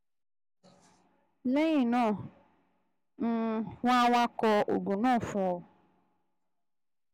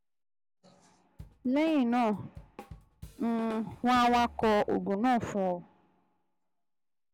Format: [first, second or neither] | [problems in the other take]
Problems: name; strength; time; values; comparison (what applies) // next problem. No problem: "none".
first | background sound (Drum / Drum kit); 18 dB below the speech